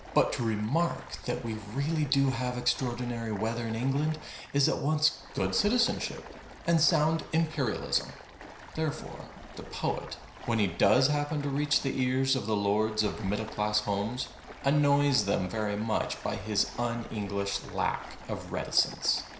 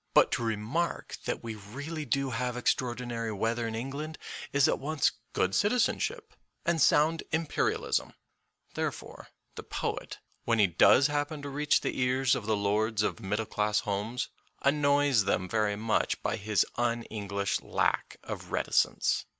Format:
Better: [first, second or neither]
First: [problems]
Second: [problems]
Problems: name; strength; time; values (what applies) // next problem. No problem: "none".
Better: second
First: background sound (Stream); 16 dB below the speech // room echo; dies away in 0.5 s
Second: none